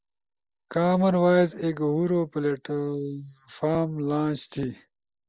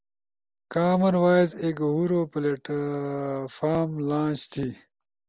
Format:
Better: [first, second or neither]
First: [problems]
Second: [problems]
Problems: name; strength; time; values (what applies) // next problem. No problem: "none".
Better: second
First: noise reduction (neural mask model Resemble Enhance denoiser)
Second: none